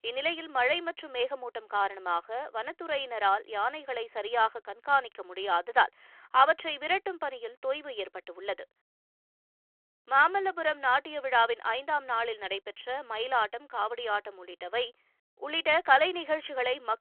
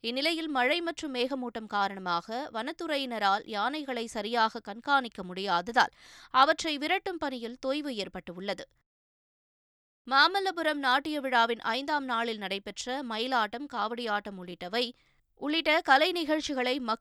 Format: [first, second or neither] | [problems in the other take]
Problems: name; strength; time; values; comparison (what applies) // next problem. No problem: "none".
second | phone-call audio